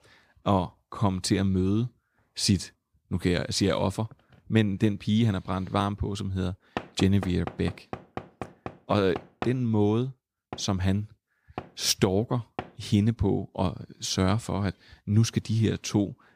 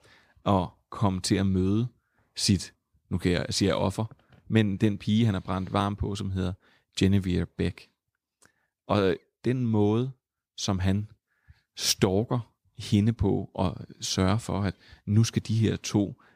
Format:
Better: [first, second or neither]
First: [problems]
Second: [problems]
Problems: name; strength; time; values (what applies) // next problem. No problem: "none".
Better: second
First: door banging; noticeable; from 7 to 13 s; peak 9 dB below the speech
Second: none